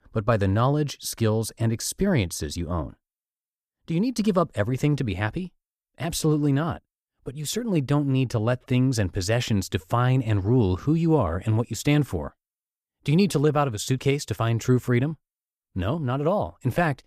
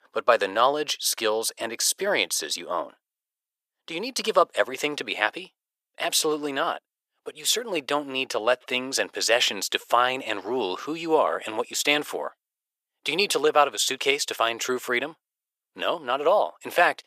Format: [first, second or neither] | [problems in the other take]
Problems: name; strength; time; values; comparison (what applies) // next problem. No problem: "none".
first | thin; very; fading below 500 Hz